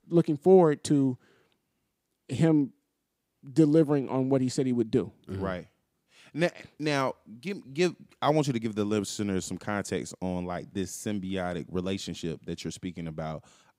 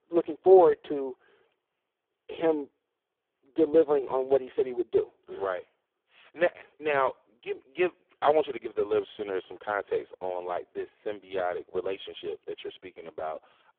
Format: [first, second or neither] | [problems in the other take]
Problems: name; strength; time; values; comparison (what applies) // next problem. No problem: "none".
first | phone-call audio; poor line